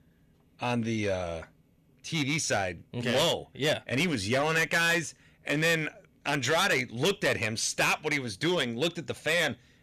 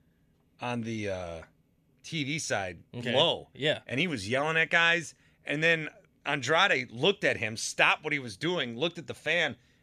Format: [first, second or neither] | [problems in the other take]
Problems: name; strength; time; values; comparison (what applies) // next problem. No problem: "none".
second | distortion; heavy; 8% of the sound clipped